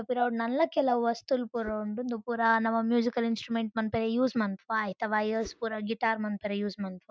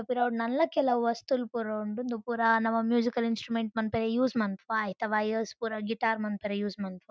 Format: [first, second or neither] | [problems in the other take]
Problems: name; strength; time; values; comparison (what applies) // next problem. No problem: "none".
second | noise reduction (neural mask model Resemble Enhance denoiser)